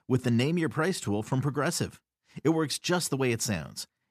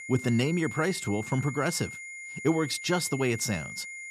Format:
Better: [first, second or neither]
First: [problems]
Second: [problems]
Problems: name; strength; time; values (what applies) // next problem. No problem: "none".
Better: first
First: none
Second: high-pitched whine; loud; throughout; 2 kHz, 10 dB below the speech